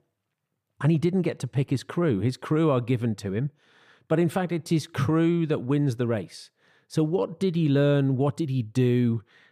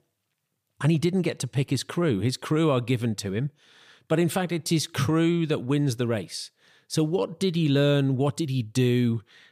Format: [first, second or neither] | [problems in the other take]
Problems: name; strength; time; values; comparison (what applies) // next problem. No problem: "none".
second | muffled; slightly; fading above 2.5 kHz